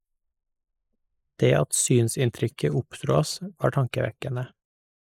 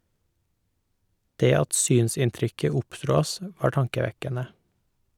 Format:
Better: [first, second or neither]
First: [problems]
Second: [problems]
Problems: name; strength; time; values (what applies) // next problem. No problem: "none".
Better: second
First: noise reduction (neural mask model Resemble Enhance denoiser)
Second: none